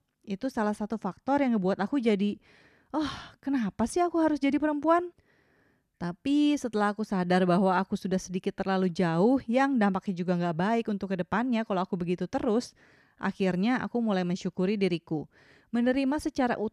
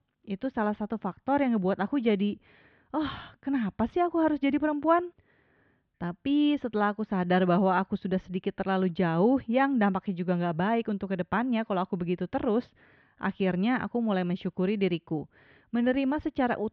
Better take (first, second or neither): first